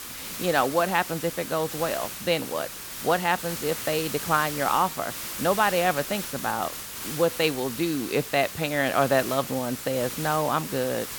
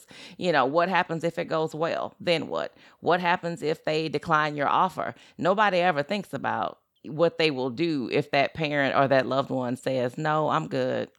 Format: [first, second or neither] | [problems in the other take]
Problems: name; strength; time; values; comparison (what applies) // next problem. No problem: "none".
second | hiss; loud; throughout; 7 dB below the speech